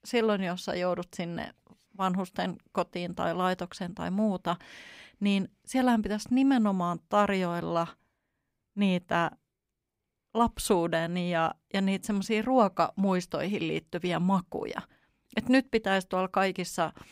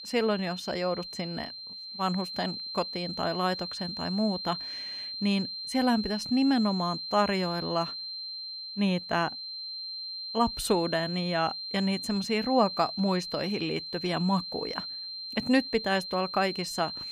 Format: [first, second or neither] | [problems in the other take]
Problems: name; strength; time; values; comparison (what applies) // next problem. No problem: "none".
first | high-pitched whine; loud; throughout; 4 kHz, 6 dB below the speech